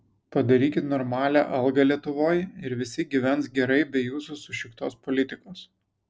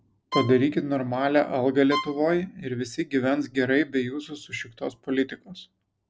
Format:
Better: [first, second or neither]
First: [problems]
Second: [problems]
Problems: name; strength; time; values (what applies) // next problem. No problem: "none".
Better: first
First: none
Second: background sound (Bowed string instrument); 10 dB below the speech